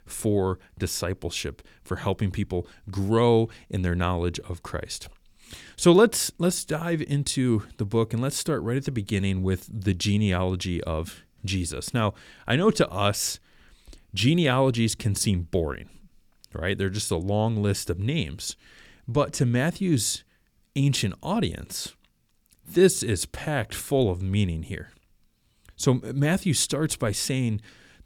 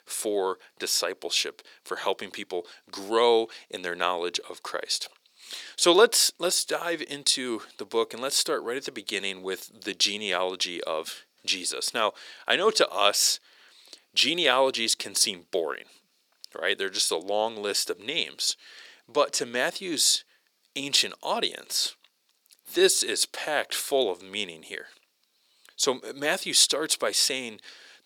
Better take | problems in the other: first | thin; very; fading below 450 Hz

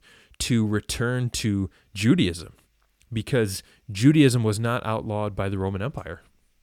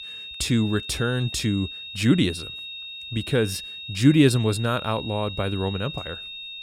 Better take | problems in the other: first | high-pitched whine; noticeable; throughout; 3.5 kHz, 10 dB below the speech

